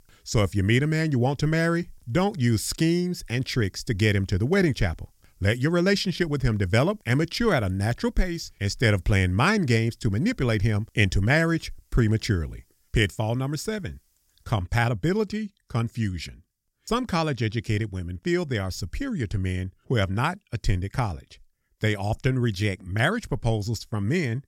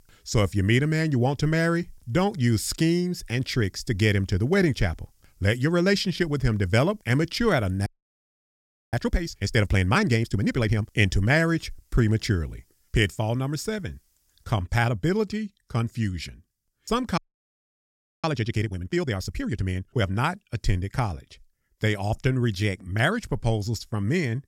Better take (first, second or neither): first